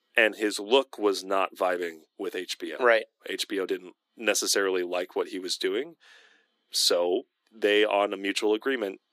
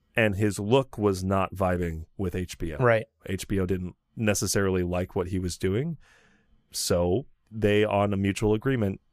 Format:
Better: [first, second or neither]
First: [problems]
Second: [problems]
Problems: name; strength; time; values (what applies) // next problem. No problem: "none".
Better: second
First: thin; somewhat; fading below 300 Hz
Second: none